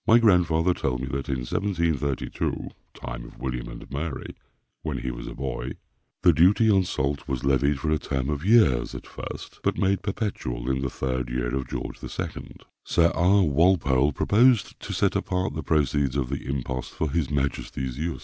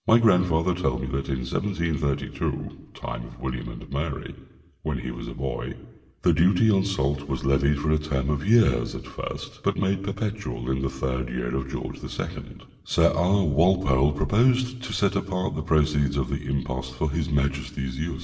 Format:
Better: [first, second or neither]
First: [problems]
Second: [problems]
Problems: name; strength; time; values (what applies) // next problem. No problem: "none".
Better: first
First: none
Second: room echo; dies away in 0.8 s